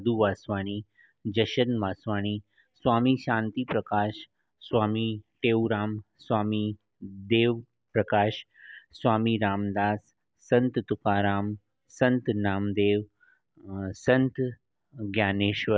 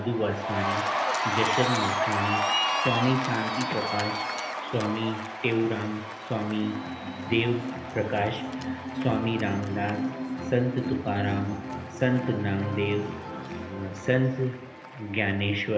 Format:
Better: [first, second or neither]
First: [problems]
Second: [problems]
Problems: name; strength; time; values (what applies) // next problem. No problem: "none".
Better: first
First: none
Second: background sound (Cheering); 3 dB below the speech // room echo; dies away in 0.8 s